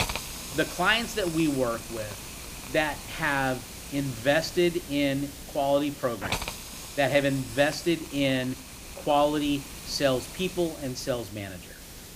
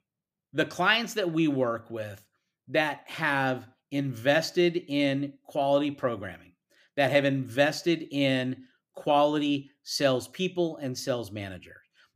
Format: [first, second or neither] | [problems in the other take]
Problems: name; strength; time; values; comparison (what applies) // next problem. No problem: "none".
second | hiss; noticeable; throughout; 10 dB below the speech